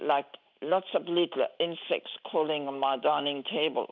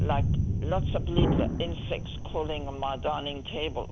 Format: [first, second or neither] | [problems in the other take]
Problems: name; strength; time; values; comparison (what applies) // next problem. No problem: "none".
first | background sound (Thunder + Explosion); 4 dB above the speech